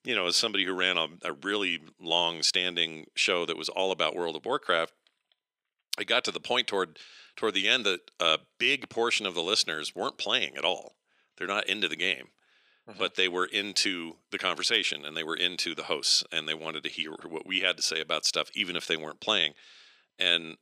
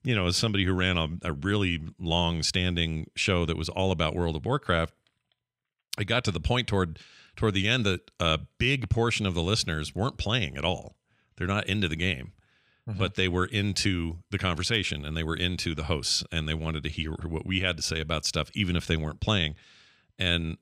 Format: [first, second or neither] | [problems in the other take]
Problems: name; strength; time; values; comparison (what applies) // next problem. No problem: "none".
second | thin; somewhat; fading below 350 Hz